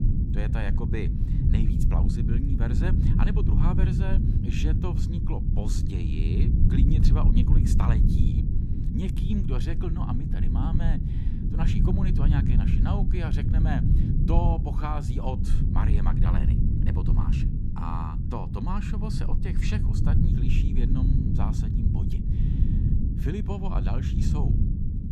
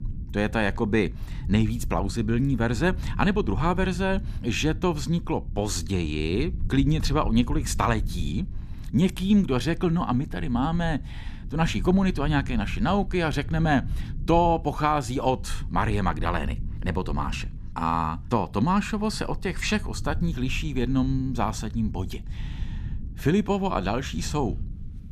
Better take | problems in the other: second | low rumble; loud; throughout; as loud as the speech; faint in the second

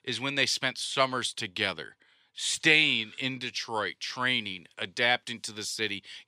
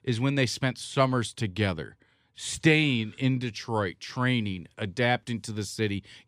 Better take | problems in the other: second | thin; somewhat; fading below 850 Hz

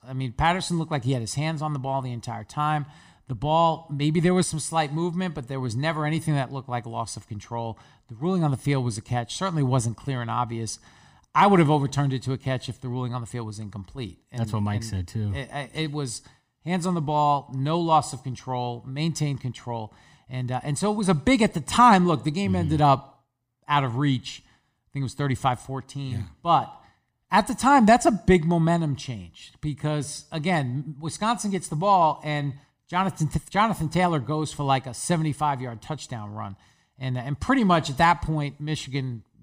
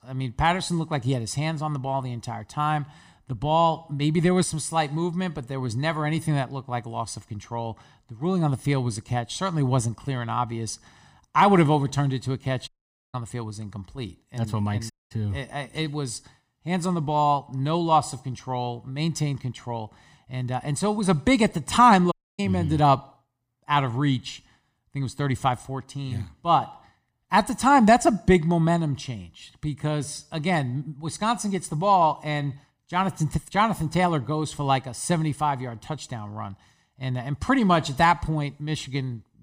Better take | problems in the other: first | audio cutting out; at 13 s, at 15 s and at 22 s

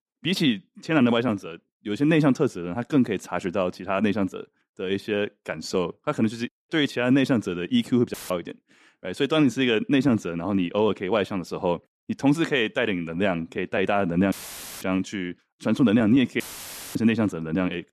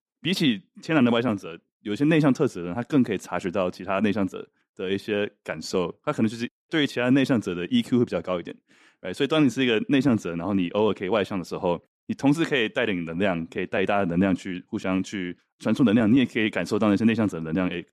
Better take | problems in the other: second | audio cutting out; filled with static; at 8 s, at 14 s for 0.5 s and at 16 s for 0.5 s

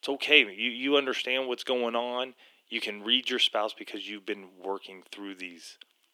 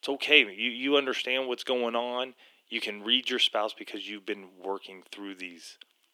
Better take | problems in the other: neither | thin; somewhat; fading below 300 Hz; the same in both

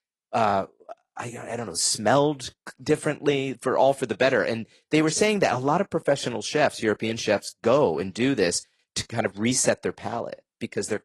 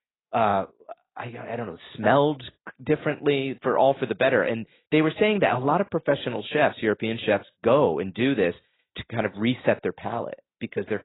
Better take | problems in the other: first | garbled, watery; badly; nothing above 4 kHz; slightly in the first

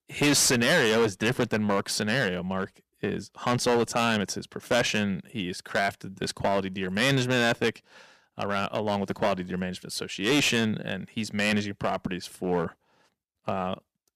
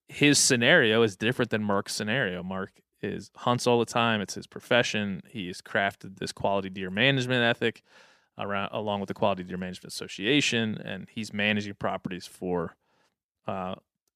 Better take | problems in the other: second | distortion; heavy; 8% of the sound clipped

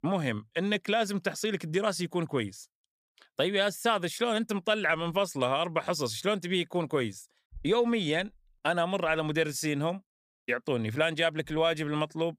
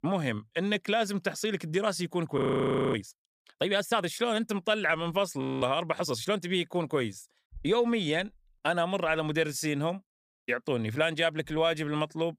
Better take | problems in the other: first | audio freezing; at 2.5 s for 0.5 s and at 5.5 s

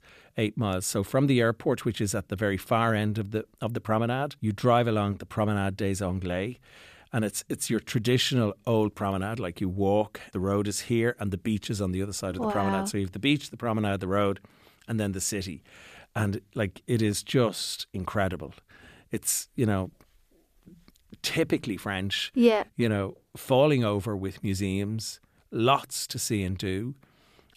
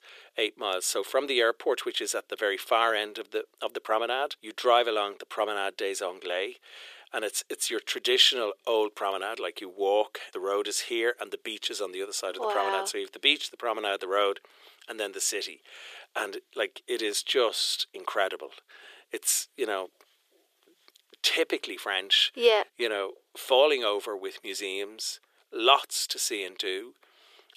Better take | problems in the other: first | thin; very; fading below 400 Hz

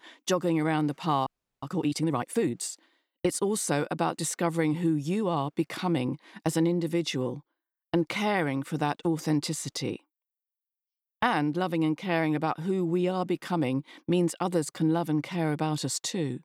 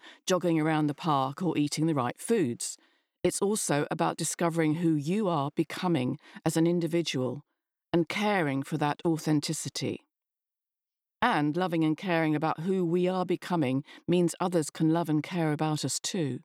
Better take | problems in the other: second | audio freezing; at 1.5 s

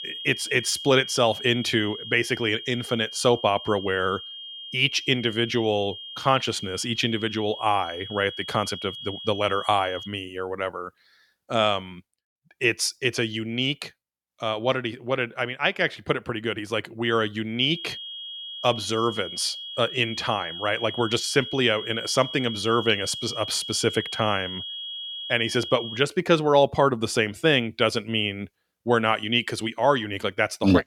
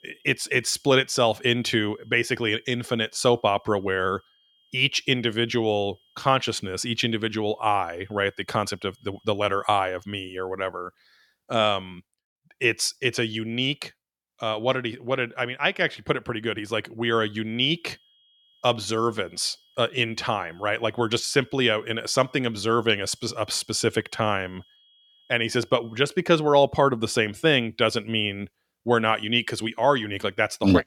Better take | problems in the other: second | high-pitched whine; loud; until 10 s and from 18 to 26 s; 3.5 kHz, 10 dB below the speech; faint in the second

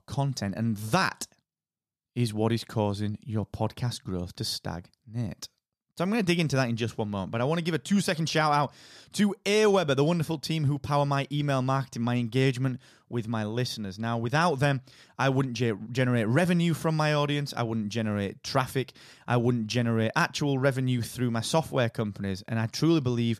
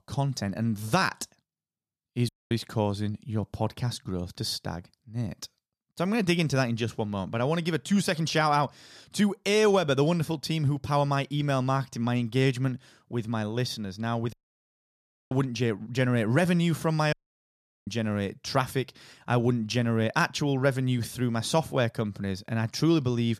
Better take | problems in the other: first | audio cutting out; at 2.5 s, at 14 s for 1 s and at 17 s for 0.5 s

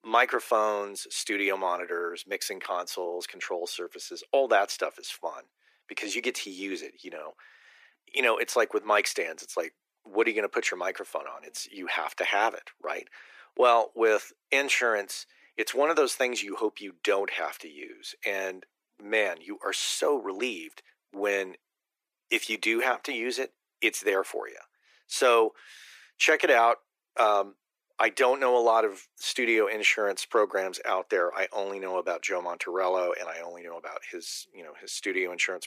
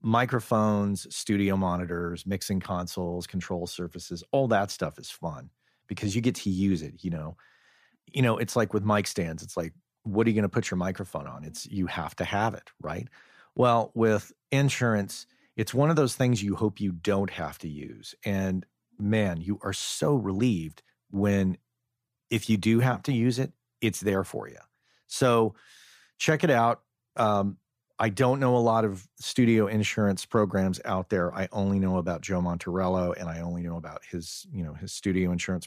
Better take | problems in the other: second | thin; very; fading below 350 Hz

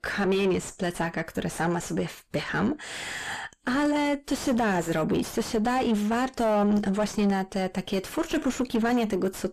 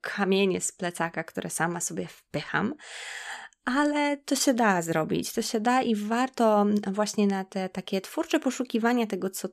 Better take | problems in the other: second | distortion; heavy; 5 dB below the speech

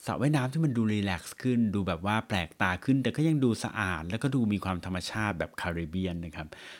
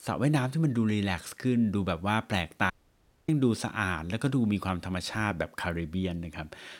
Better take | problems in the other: first | audio cutting out; at 2.5 s for 0.5 s

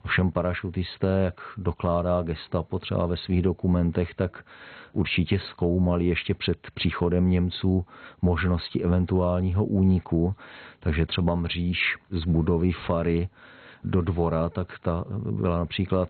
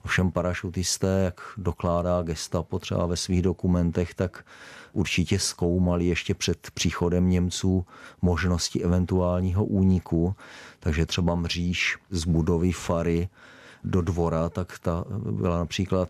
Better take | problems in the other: second | garbled, watery; badly; nothing above 4 kHz

